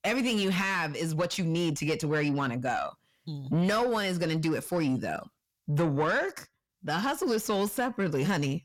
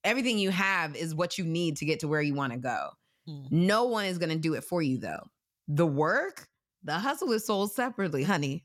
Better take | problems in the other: second | distortion; slight; 10 dB below the speech

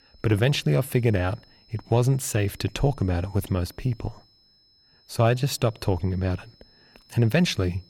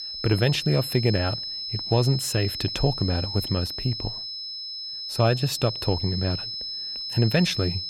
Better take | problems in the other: first | high-pitched whine; loud; throughout; 5 kHz, 5 dB below the speech; faint in the first

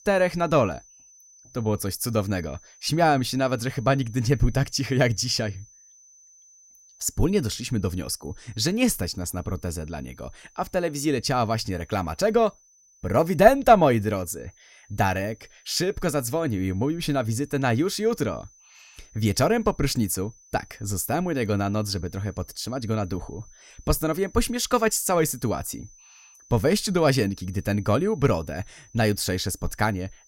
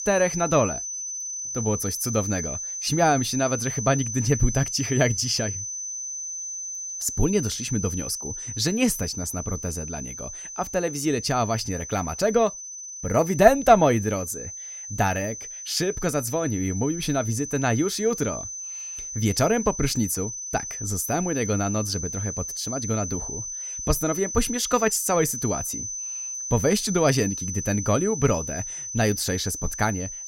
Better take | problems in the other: first | high-pitched whine; loud; throughout; 6 kHz, 6 dB below the speech; faint in the first

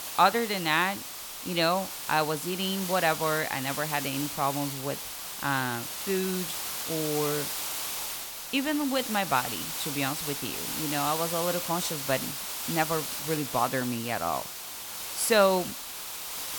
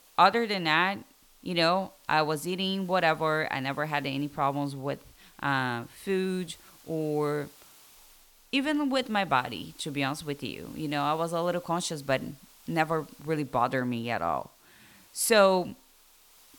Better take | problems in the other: second | hiss; loud; throughout; 4 dB below the speech; faint in the second

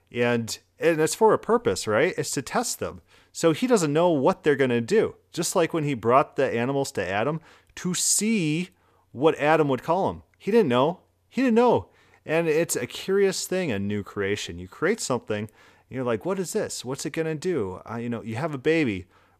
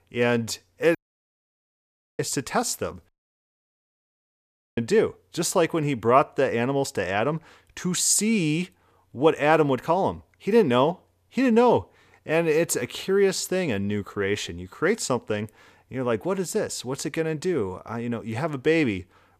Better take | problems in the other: first | audio cutting out; at 1 s for 1 s and at 3 s for 1.5 s

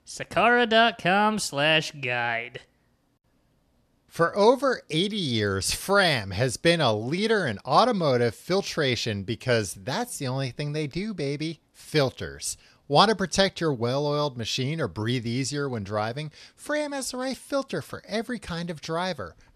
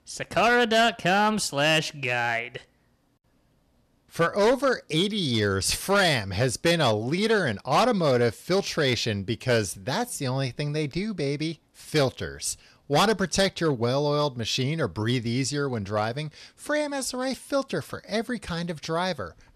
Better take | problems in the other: first | distortion; slight; 4% of the sound clipped

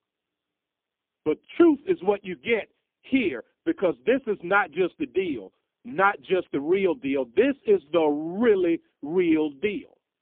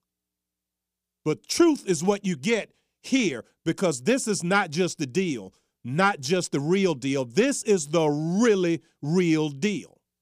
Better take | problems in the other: second | phone-call audio; poor line; nothing above 3.5 kHz

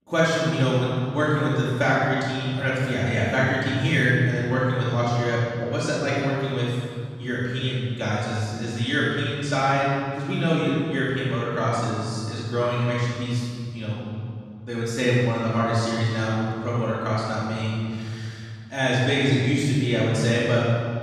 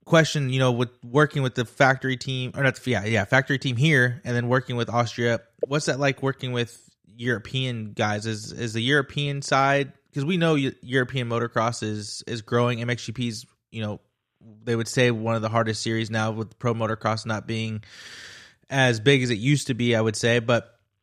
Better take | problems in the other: second | off-mic speech; far // room echo; strong; dies away in 2.3 s

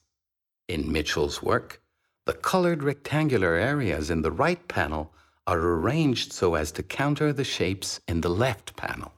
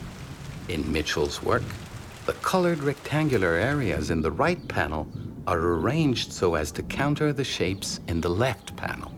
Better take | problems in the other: first | rain or running water; noticeable; throughout; 15 dB below the speech

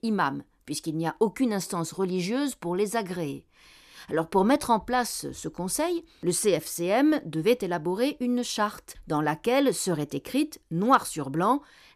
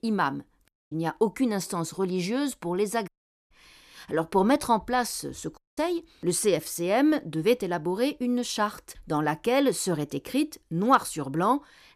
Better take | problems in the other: first | audio cutting out; at 0.5 s, at 3 s and at 5.5 s

